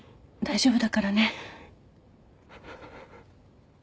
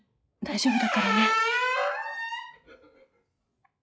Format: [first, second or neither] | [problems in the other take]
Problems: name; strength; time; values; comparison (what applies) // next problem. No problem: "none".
first | noise reduction (classical method log-MMSE)